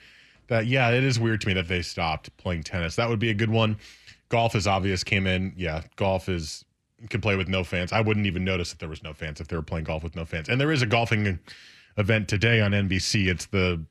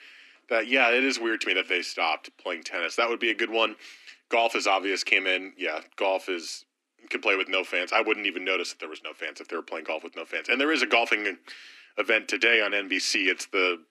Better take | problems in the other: first | thin; somewhat; fading below 250 Hz

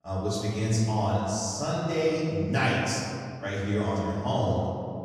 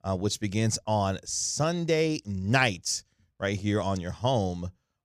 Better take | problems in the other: second | off-mic speech; far // room echo; strong; dies away in 2.2 s

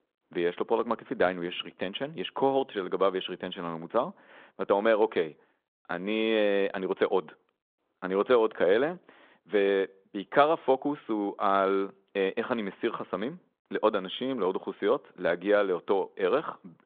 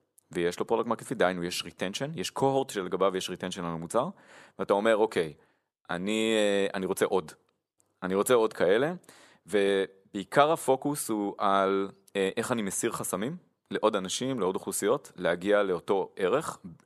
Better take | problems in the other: second | phone-call audio

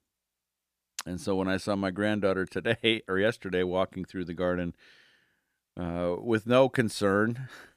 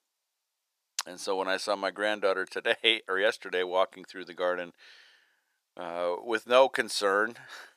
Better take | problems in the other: first | thin; very; fading below 600 Hz

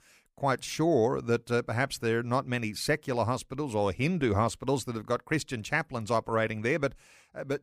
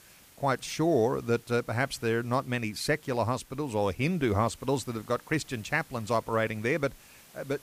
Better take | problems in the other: first | hiss; faint; throughout; 25 dB below the speech

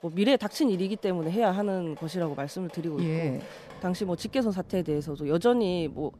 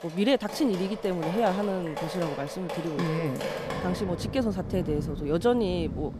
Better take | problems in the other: first | rain or running water; loud; throughout; 7 dB below the speech; faint in the first

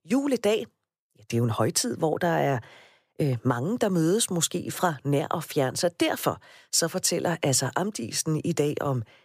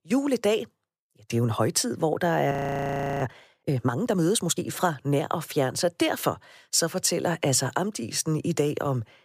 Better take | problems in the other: first | audio freezing; at 2.5 s for 0.5 s

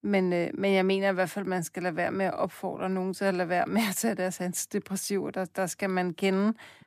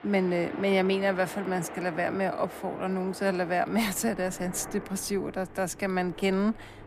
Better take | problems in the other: first | train or aircraft noise; noticeable; throughout; 15 dB below the speech

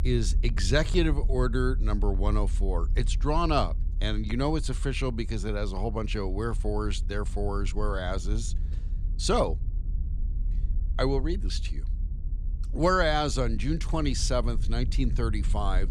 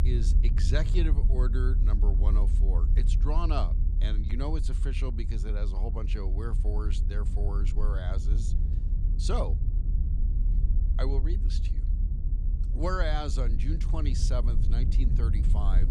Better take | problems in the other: first | low rumble; loud; throughout; 9 dB below the speech; faint in the first

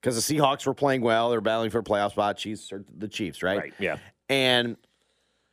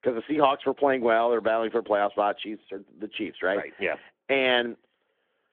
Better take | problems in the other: first | phone-call audio; nothing above 3.5 kHz

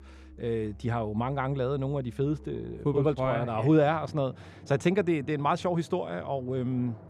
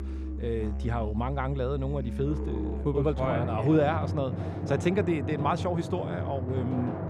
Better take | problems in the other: first | background music; loud; throughout; 4 dB below the speech; faint in the first

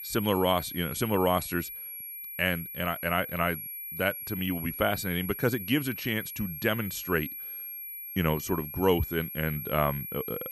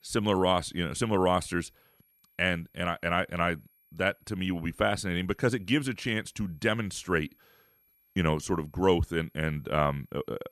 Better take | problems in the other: second | high-pitched whine; loud; throughout; 11.5 kHz, 7 dB below the speech; faint in the second

